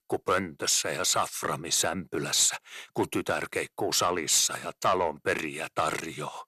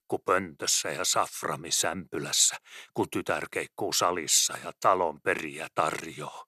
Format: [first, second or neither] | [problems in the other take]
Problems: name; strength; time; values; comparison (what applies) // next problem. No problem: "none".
second | distortion; slight; 10 dB below the speech